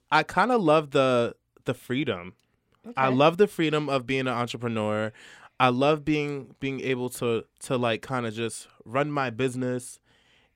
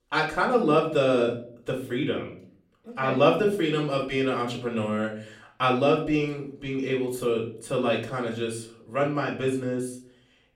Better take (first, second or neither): first